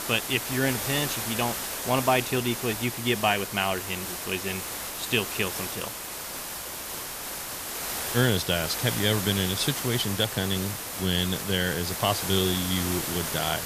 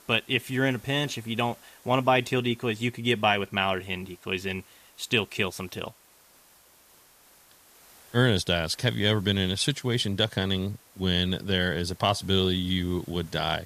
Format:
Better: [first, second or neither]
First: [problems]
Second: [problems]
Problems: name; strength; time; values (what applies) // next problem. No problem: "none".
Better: second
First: hiss; loud; throughout; 4 dB below the speech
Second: hiss; faint; throughout; 25 dB below the speech